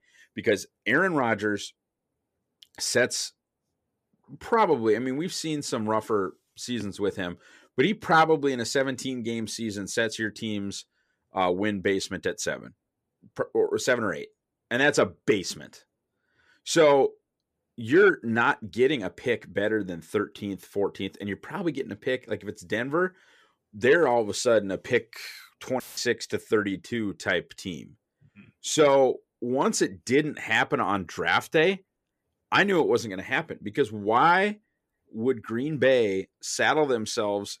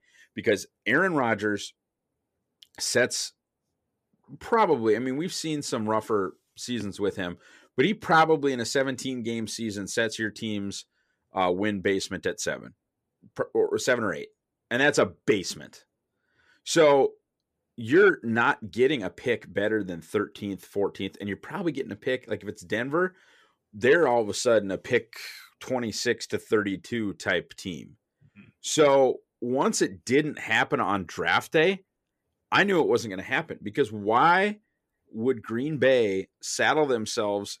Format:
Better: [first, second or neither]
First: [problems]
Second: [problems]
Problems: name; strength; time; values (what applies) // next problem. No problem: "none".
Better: second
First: audio cutting out; filled with static; at 26 s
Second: none